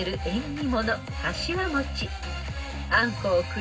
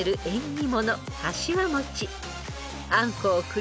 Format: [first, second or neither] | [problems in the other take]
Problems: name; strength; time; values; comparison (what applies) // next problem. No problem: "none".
second | room echo; dies away in 0.4 s